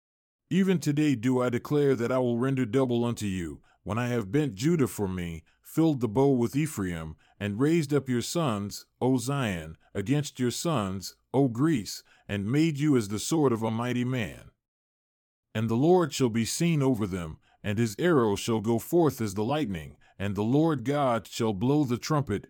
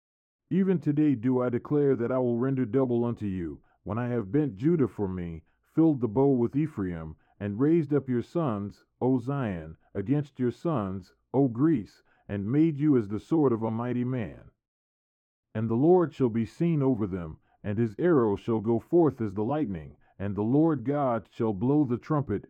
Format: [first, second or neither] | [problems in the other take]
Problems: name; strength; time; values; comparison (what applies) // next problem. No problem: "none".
first | muffled; very; fading above 3 kHz